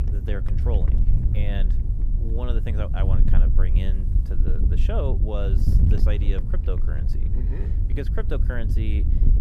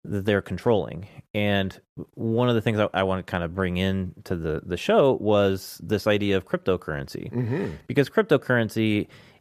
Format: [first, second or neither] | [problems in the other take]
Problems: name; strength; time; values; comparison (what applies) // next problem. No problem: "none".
second | wind noise on the microphone; heavy; 4 dB below the speech